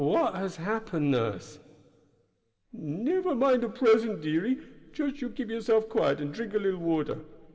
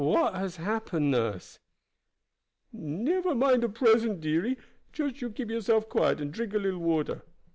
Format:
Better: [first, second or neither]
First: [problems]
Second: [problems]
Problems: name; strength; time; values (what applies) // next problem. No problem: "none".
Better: second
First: room echo; dies away in 1.8 s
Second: none